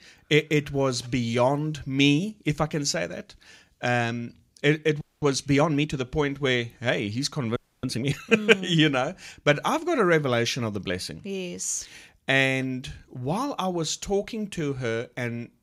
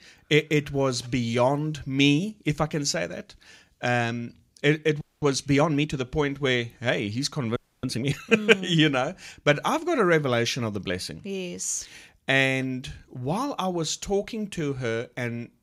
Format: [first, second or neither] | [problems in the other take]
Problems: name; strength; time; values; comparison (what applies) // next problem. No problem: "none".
neither | audio freezing; at 5 s and at 7.5 s; the same in both